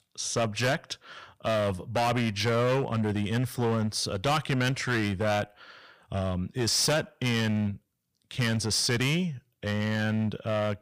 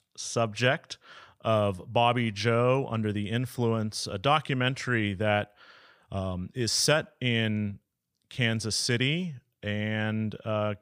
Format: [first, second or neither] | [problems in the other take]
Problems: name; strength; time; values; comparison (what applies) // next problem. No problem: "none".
second | distortion; heavy; 12% of the sound clipped